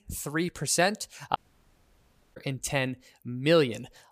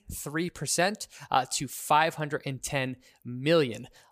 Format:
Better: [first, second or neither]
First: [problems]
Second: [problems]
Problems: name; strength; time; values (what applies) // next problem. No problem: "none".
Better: second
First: audio cutting out; at 1.5 s for 1 s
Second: none